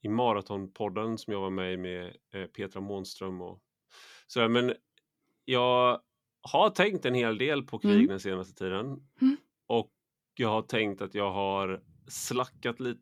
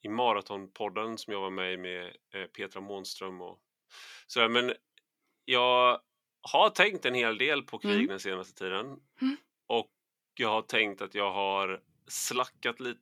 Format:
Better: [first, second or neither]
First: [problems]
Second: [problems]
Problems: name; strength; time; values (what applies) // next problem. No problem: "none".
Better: first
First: none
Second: thin; very slightly; fading below 700 Hz